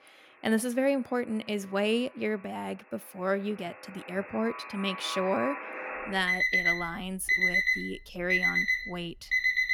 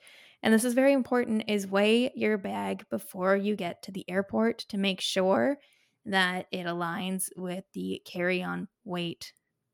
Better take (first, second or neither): second